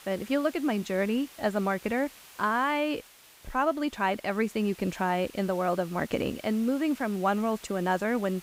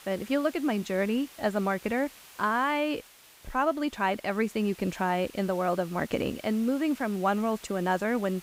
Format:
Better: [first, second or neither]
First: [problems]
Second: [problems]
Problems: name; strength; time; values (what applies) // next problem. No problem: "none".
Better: neither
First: hiss; faint; throughout; 20 dB below the speech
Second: hiss; faint; throughout; 20 dB below the speech